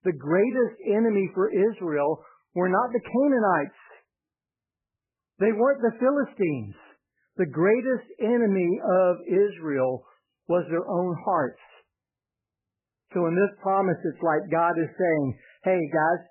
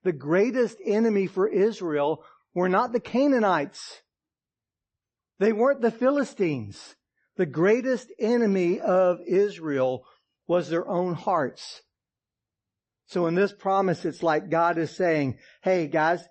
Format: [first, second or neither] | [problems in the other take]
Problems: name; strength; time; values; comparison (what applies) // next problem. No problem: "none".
second | garbled, watery; badly; nothing above 2.5 kHz; slightly in the second